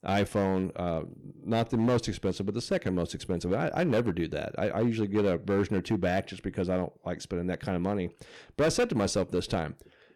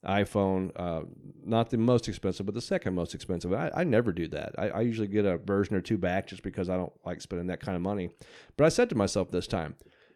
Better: second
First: distortion; slight; 6% of the sound clipped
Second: none

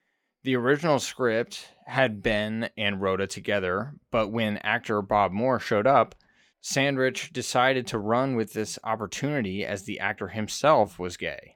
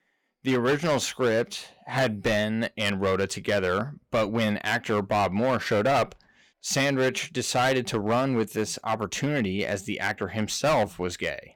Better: first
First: none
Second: distortion; heavy; 9% of the sound clipped

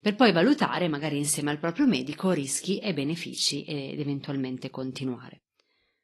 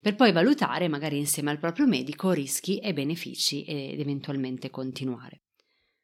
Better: second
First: garbled, watery; slightly; nothing above 11.5 kHz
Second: none

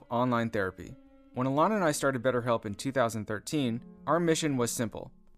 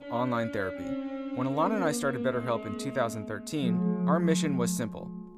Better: first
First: background music; faint; throughout; 25 dB below the speech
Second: background music; loud; throughout; 2 dB below the speech

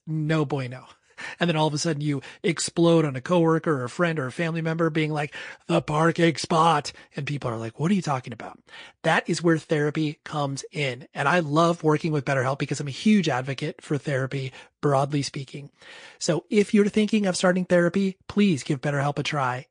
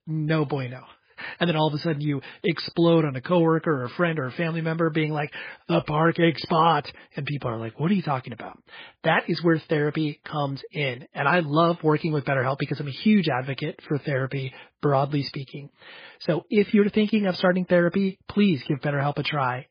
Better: first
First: garbled, watery; slightly; nothing above 9 kHz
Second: garbled, watery; badly

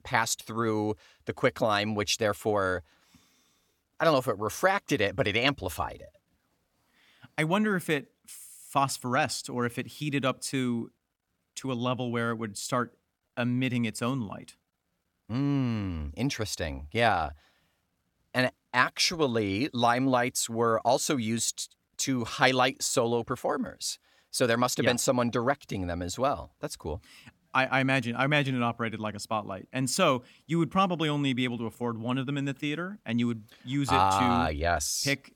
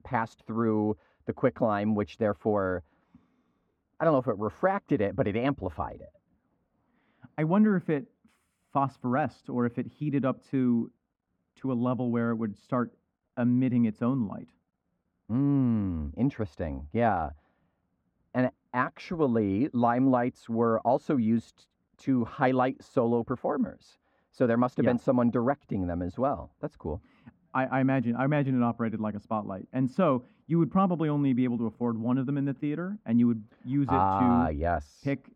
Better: first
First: none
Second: muffled; very; fading above 3 kHz

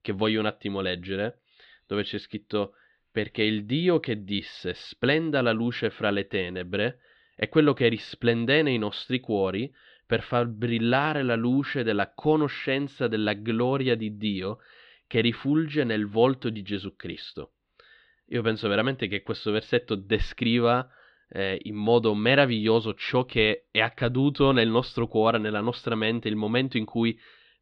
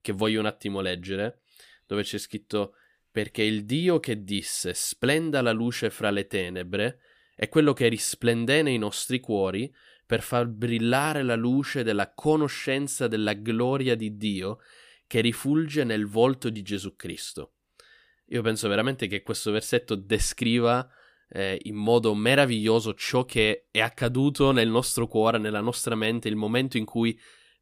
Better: second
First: muffled; slightly; fading above 4 kHz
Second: none

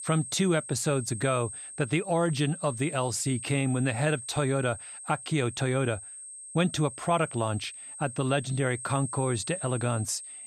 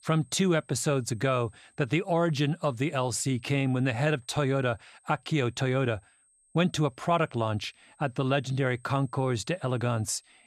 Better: second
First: high-pitched whine; loud; throughout; 8.5 kHz, 10 dB below the speech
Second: high-pitched whine; faint; throughout; 8.5 kHz, 30 dB below the speech

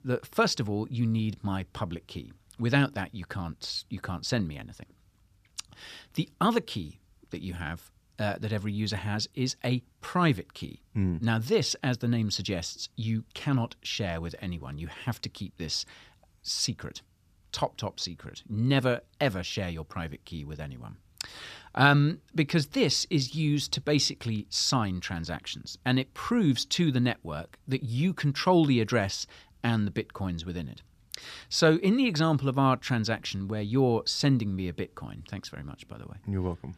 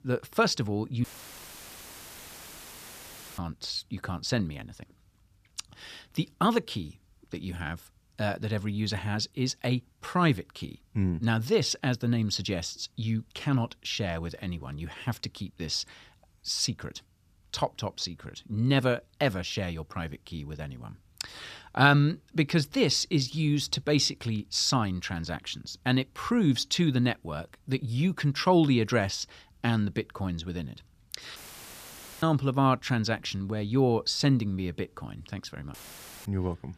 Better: first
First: none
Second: audio cutting out; filled with static; at 1 s for 2.5 s, at 31 s for 1 s and at 36 s for 0.5 s

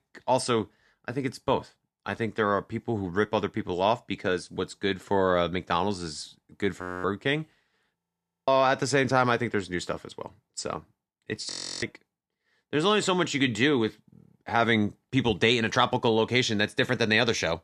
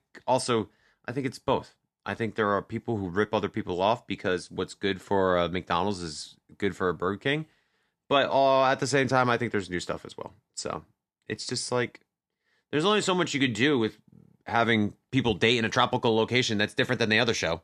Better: second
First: audio freezing; at 7 s, at 8 s and at 12 s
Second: none

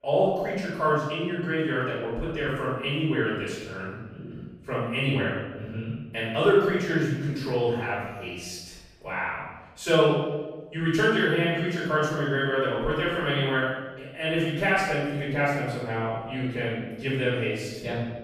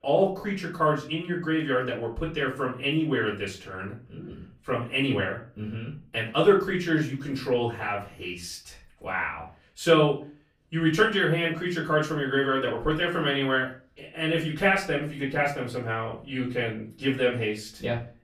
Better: second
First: room echo; strong; dies away in 1.1 s // off-mic speech; far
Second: room echo; slight; dies away in 0.3 s // off-mic speech; far

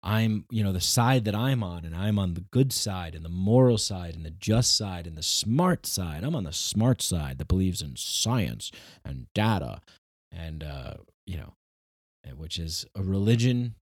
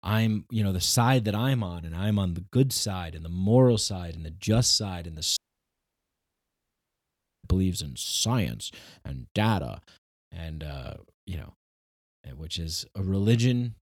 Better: first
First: none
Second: audio cutting out; at 5.5 s for 2 s

